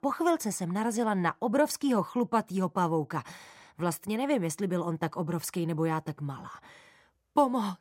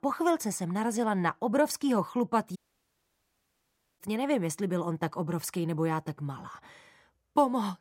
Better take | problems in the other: first | audio cutting out; at 2.5 s for 1.5 s

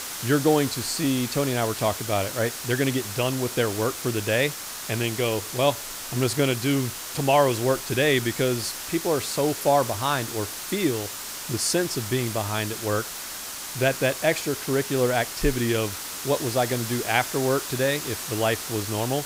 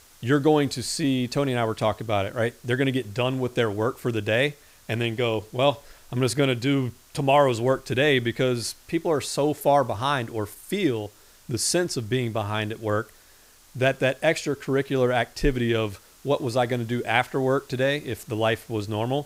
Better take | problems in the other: second | hiss; loud; throughout; 7 dB below the speech; faint in the second

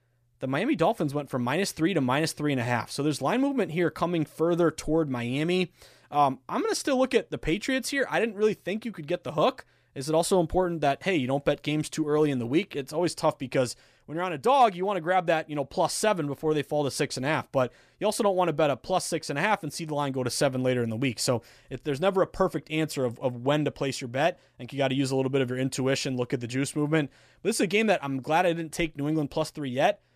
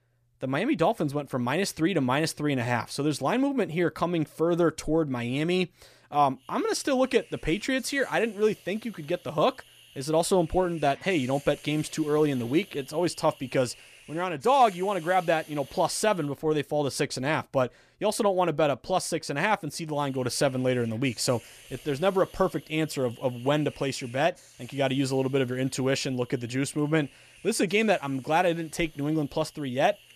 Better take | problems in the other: first | hiss; faint; from 6.5 to 16 s and from 20 s on; 25 dB below the speech

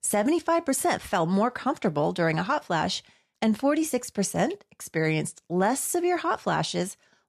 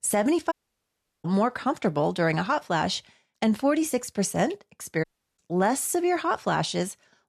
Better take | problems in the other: first | audio cutting out; at 0.5 s for 0.5 s and at 5 s

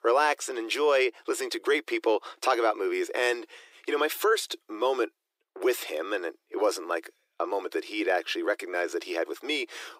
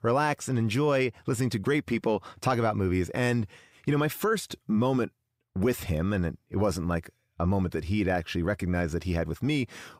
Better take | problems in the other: second | thin; very; fading below 350 Hz

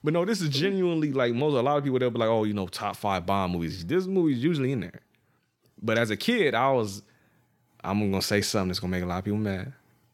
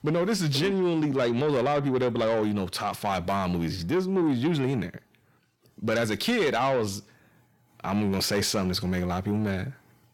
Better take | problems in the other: first | distortion; slight; 10 dB below the speech

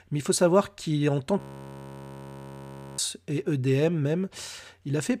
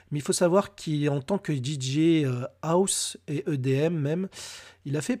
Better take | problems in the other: second | audio freezing; at 1.5 s for 1.5 s

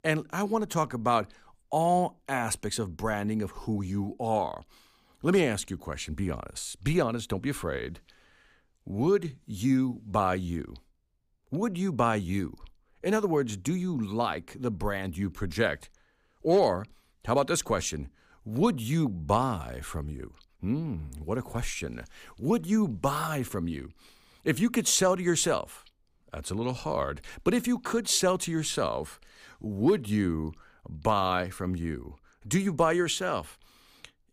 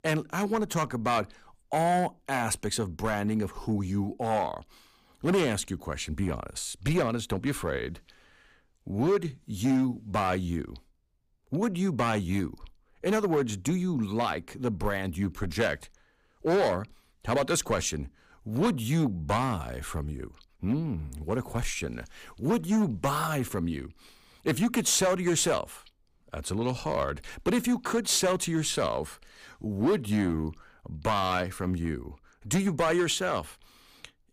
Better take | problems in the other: first | distortion; slight; 5% of the sound clipped

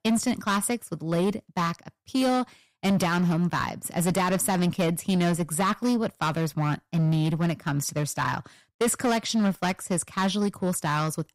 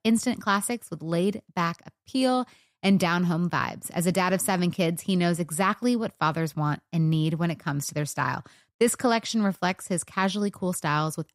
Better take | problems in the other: second | distortion; slight; 11% of the sound clipped

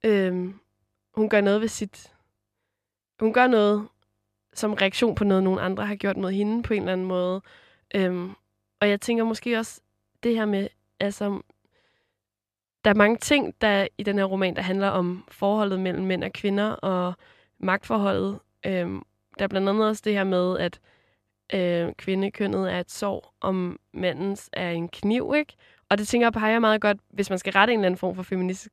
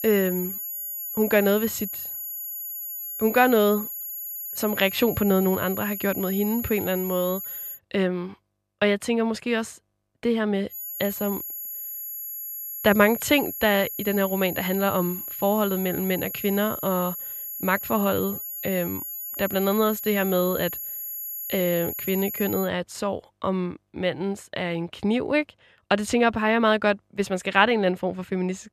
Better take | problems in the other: first | high-pitched whine; loud; until 8 s and from 11 to 23 s; 11.5 kHz, 7 dB below the speech

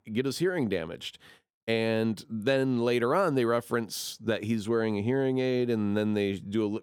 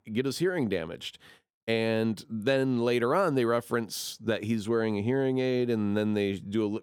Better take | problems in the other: neither | none

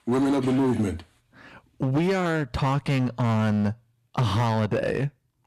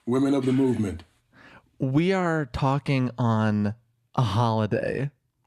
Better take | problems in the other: second | distortion; slight; 15% of the sound clipped

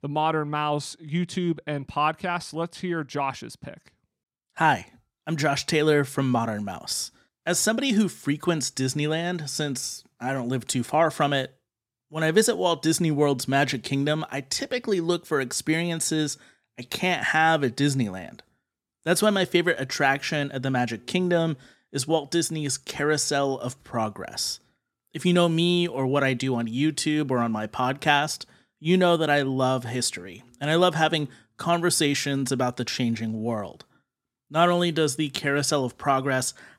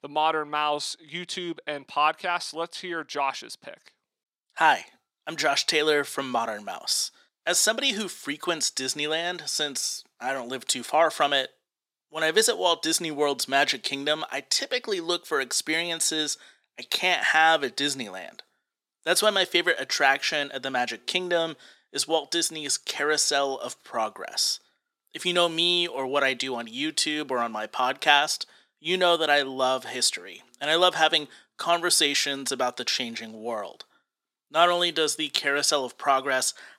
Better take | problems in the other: first | thin; somewhat; fading below 500 Hz

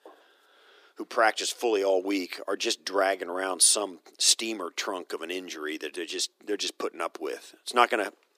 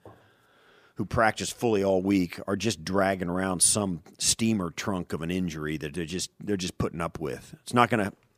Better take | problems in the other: second | thin; somewhat; fading below 300 Hz

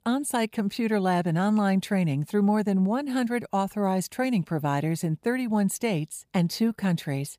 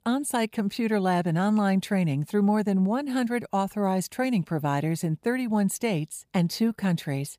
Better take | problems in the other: neither | none

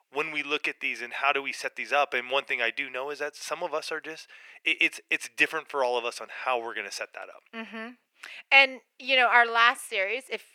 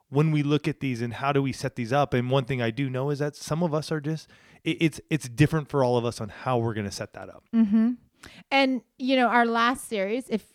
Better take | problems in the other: second | thin; very; fading below 500 Hz

